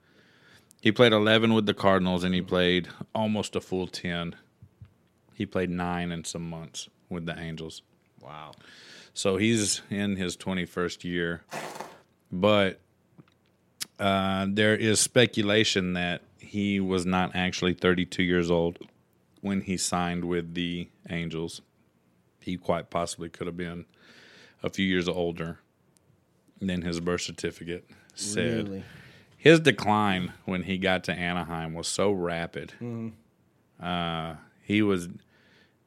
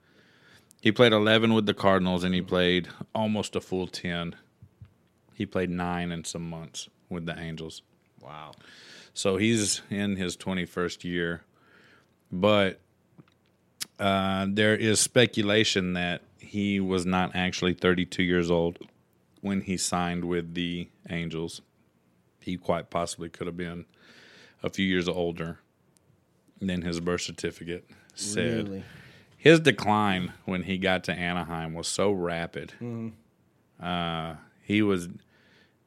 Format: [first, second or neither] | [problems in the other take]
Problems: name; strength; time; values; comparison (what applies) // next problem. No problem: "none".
second | footsteps; faint; at 12 s; peak 10 dB below the speech